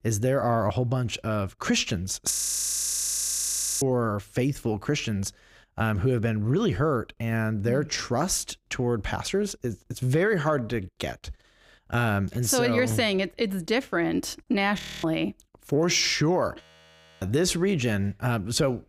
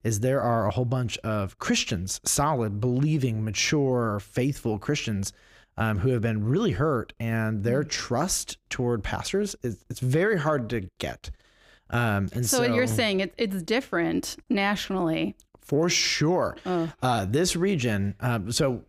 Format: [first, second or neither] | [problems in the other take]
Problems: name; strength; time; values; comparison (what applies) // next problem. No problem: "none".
second | audio freezing; at 2.5 s for 1.5 s, at 15 s and at 17 s for 0.5 s